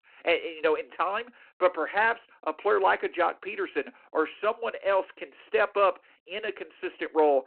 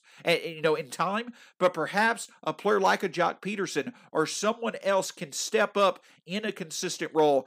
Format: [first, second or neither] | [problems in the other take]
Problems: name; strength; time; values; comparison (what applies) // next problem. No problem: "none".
second | phone-call audio; nothing above 4 kHz